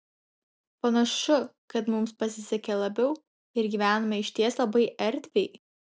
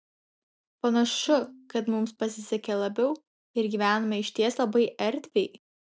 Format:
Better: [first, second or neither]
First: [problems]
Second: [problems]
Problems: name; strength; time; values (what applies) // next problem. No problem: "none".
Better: first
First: none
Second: noise reduction (neural mask model RNNoise)